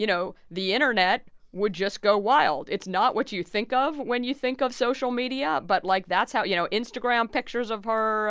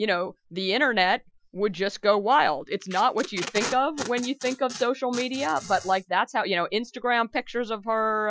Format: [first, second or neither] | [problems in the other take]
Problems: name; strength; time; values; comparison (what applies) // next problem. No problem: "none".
first | noise reduction (classical method Wiener filter)